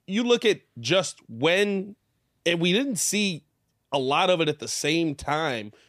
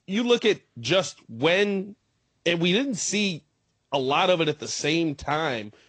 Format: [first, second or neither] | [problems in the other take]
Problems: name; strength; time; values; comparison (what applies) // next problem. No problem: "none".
first | garbled, watery; slightly; nothing above 7.5 kHz